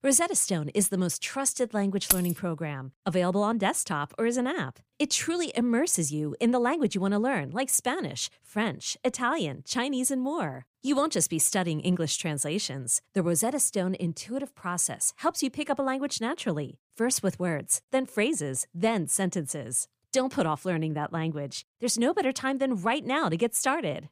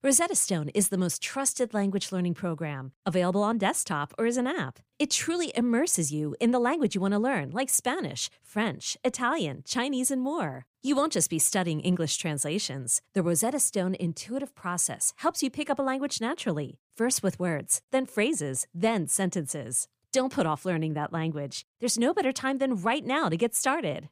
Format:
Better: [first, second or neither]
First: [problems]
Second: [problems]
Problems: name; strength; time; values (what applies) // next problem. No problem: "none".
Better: second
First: jangling keys; loud; at 2 s; peak 2 dB above the speech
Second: none